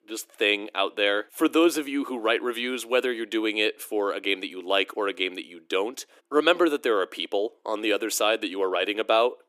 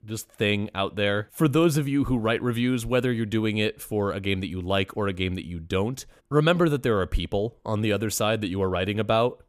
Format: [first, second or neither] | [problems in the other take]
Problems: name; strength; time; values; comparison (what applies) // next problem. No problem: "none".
second | thin; somewhat; fading below 300 Hz